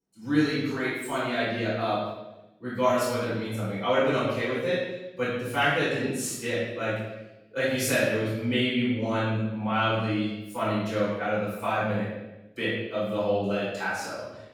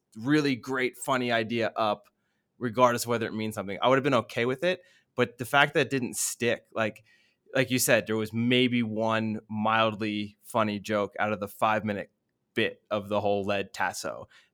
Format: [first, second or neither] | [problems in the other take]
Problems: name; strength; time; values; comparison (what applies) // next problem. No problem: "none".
second | off-mic speech; far // room echo; strong; dies away in 0.9 s